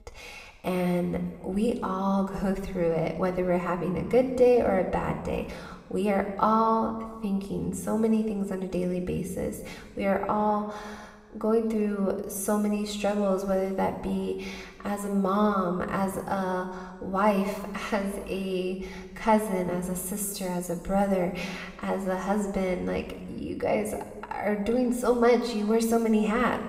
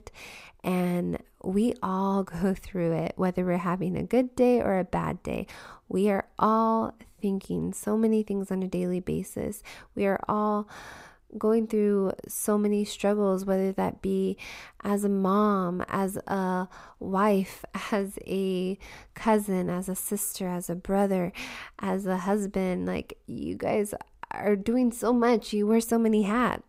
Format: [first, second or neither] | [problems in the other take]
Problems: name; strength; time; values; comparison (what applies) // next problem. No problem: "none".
second | room echo; slight; dies away in 1.3 s // off-mic speech; somewhat distant